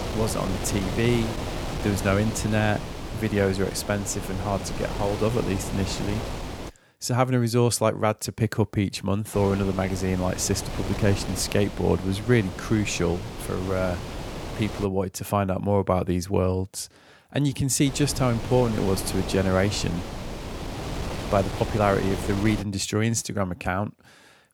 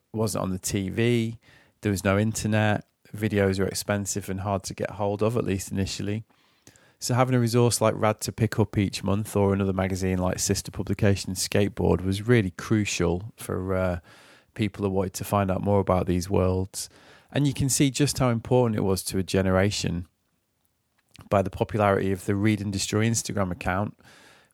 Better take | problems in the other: second | wind noise on the microphone; heavy; until 6.5 s, from 9.5 to 15 s and from 18 to 23 s; 8 dB below the speech

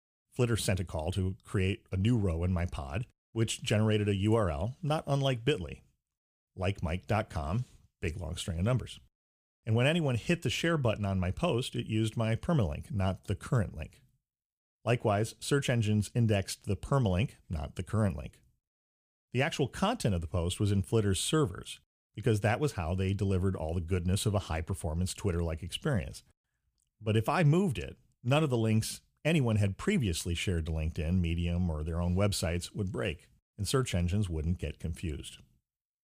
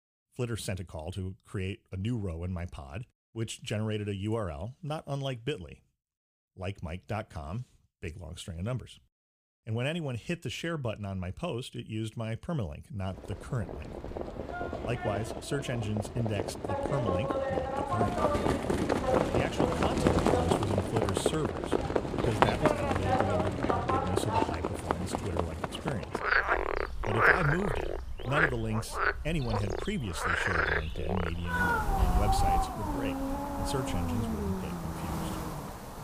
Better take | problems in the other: first | animal sounds; very loud; from 13 s on; 5 dB above the speech

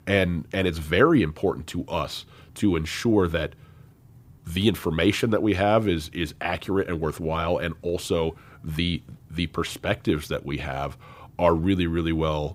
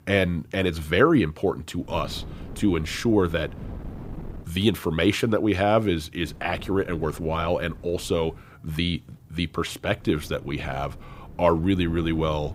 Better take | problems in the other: first | wind noise on the microphone; occasional gusts; from 2 to 4.5 s, from 6 to 8.5 s and from 10 s on; 20 dB below the speech

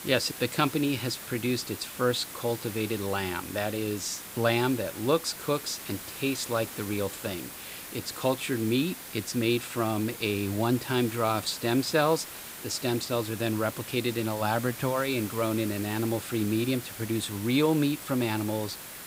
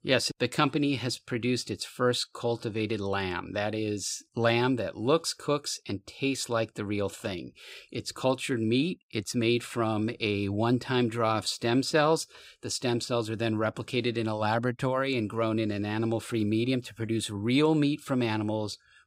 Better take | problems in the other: second | hiss; noticeable; throughout; 10 dB below the speech

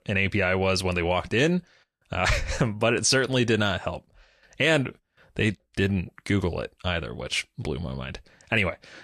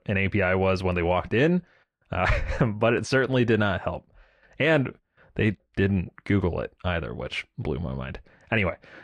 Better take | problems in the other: first | muffled; slightly; fading above 3.5 kHz

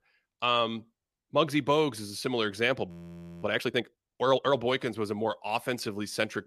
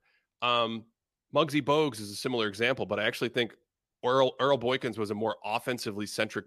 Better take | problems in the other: second | audio freezing; at 3 s for 0.5 s

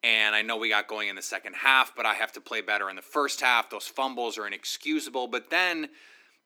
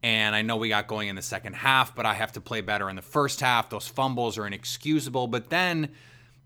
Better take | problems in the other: second | thin; somewhat; fading below 250 Hz

